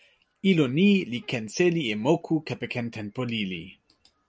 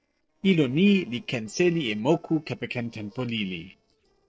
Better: first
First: none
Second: noise reduction (neural separator model SepFormer DNS4)

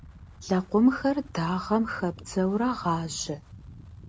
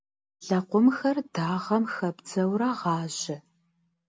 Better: second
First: background sound (Wind); 19 dB below the speech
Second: none

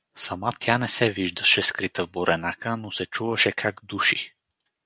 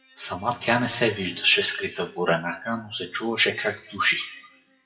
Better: first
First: none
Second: noise reduction (classical method WPE with log-MMSE)

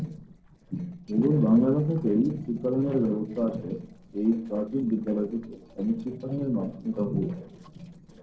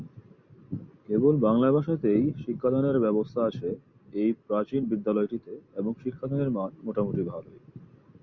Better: second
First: noise reduction (neural separator model SepFormer DNS4)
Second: none

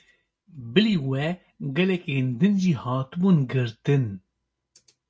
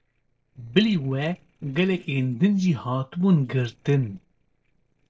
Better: first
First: none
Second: noise reduction (neural separator model SepFormer DNS4)

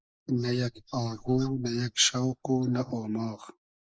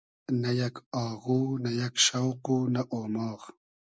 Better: second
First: noise reduction (neural mask model Resemble Enhance denoiser)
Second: none

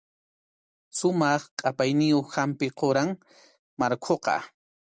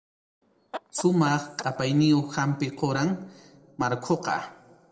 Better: first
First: none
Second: noise reduction (neural separator model SepFormer DNS4)

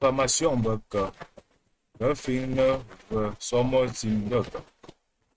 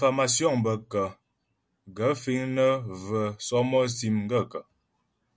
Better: second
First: noise reduction (neural mask model RNNoise)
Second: none

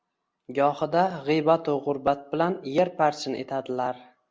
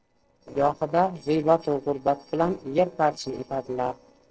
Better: first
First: none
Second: noise reduction (neural separator model SepFormer DNS4)

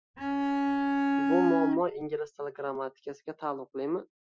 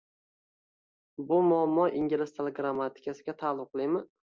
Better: second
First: noise reduction (classical method Wiener filter)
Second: none

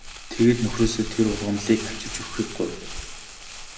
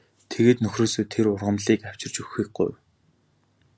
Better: second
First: background sound (Crumpling, crinkling); 9 dB below the speech // room echo; dies away in 1.4 s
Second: none

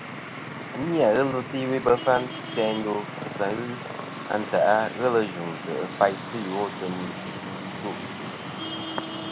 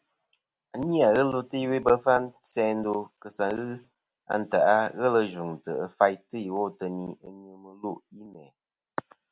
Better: second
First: background sound (Traffic noise, roadway noise); 8 dB below the speech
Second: none

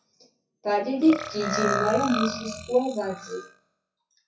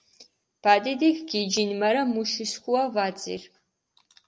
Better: second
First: noise reduction (classical method WPE with log-MMSE)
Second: none

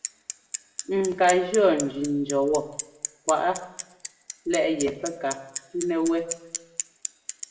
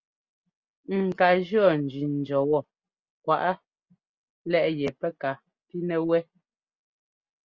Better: second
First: background sound (Bicycle); 10 dB below the speech // room echo; dies away in 0.7 s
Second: none

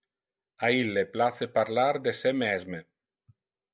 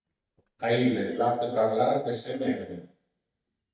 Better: first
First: none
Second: noise reduction (neural mask model DeepFilterNet 3)

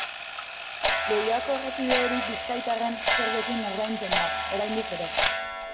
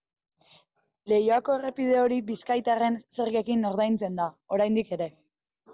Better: second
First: background sound (Clock); 2 dB above the speech // room echo; dies away in 1.6 s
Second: none

